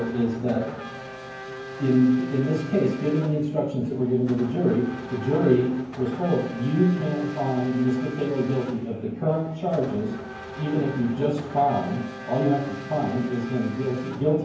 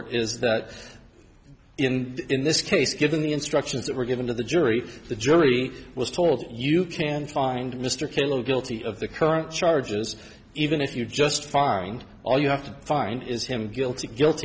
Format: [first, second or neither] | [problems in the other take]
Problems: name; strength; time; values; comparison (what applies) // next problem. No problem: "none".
second | background sound (Race car, auto racing / Accelerating, revving, vroom); 13 dB below the speech // room echo; dies away in 0.9 s